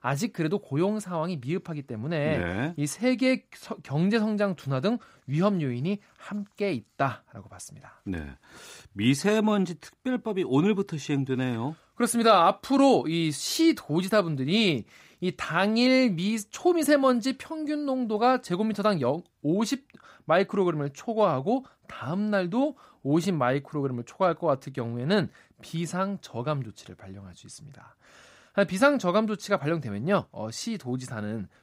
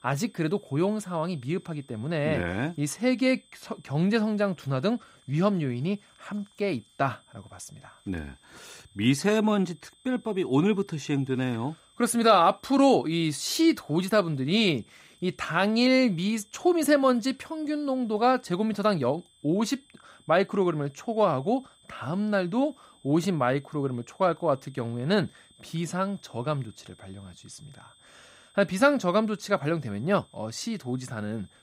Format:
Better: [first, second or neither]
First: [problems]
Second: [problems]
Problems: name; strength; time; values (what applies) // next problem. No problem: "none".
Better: first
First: none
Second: high-pitched whine; faint; throughout; 3.5 kHz, 30 dB below the speech